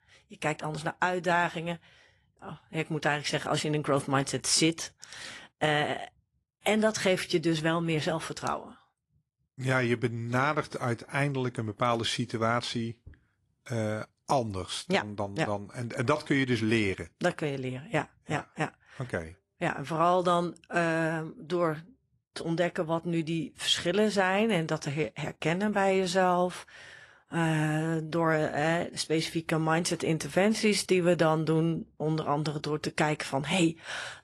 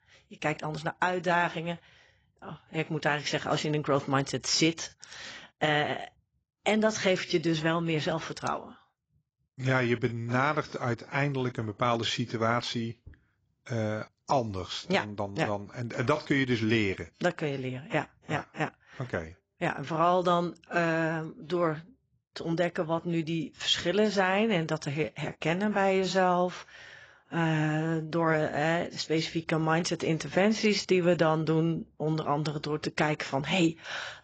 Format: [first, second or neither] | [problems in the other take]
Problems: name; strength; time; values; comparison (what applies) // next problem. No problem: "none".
first | garbled, watery; badly; nothing above 7.5 kHz; slightly in the first